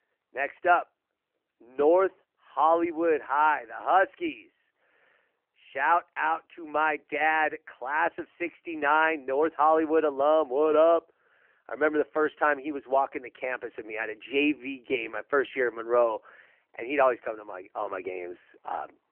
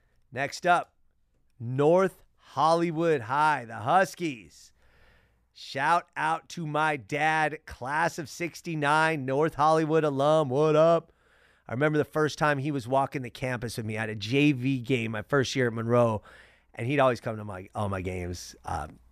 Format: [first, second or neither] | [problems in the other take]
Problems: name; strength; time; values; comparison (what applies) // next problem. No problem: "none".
second | phone-call audio; nothing above 3 kHz